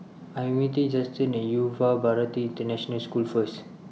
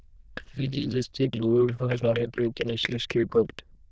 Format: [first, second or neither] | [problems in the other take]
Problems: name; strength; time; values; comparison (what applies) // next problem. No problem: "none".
first | noise reduction (neural diffusion model UNIVERSE++)